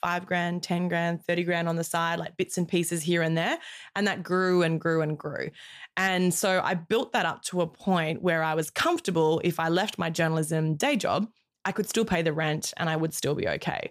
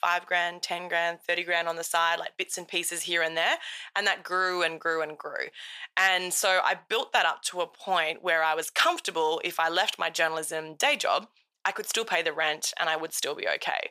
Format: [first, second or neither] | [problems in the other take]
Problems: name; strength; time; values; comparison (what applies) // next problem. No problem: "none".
first | thin; very; fading below 750 Hz